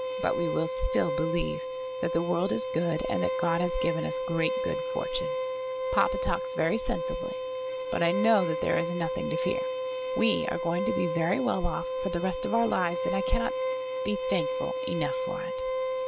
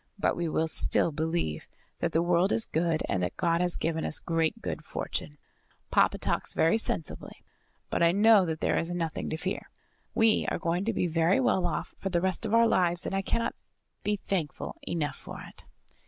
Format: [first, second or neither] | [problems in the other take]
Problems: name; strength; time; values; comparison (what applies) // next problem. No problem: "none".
second | background sound (Bowed string instrument); 1 dB below the speech